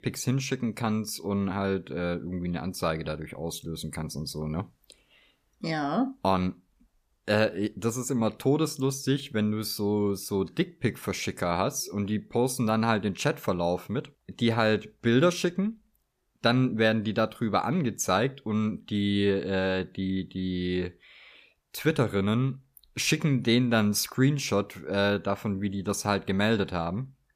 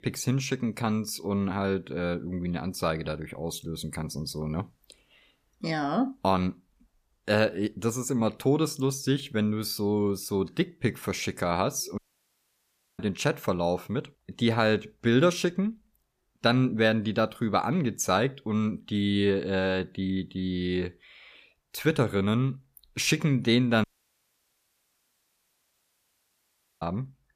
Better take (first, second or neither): first